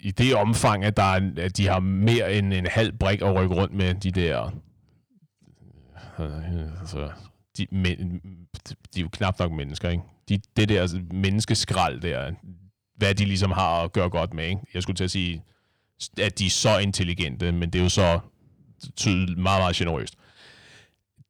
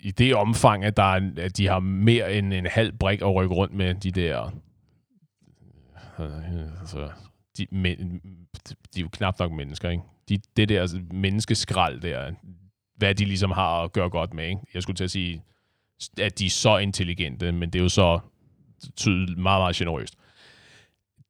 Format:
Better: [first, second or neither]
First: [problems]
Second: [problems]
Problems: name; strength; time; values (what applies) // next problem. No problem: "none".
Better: second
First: distortion; slight; 10 dB below the speech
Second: none